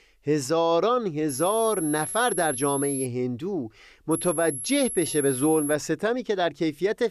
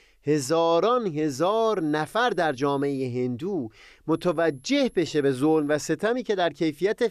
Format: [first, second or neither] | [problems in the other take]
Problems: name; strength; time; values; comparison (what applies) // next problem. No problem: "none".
second | high-pitched whine; loud; from 1.5 to 3 s and from 4 to 5.5 s; 11 kHz, 5 dB below the speech; faint in the second